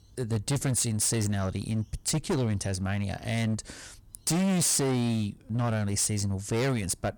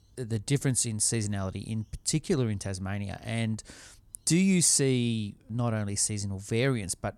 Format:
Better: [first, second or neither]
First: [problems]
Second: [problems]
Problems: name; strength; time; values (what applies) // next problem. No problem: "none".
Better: second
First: distortion; heavy; 18% of the sound clipped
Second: none